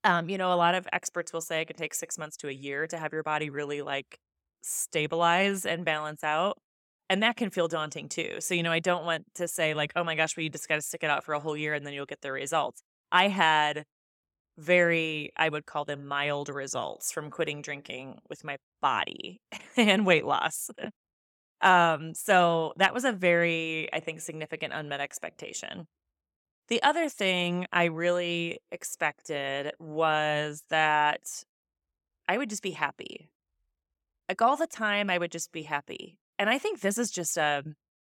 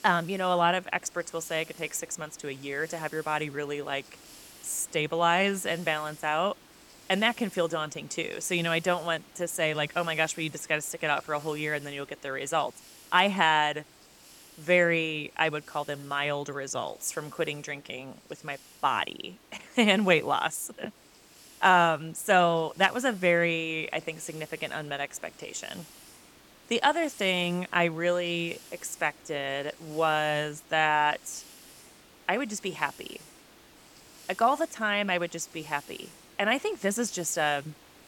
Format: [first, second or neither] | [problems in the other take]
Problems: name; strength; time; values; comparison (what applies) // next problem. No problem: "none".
first | hiss; faint; throughout; 25 dB below the speech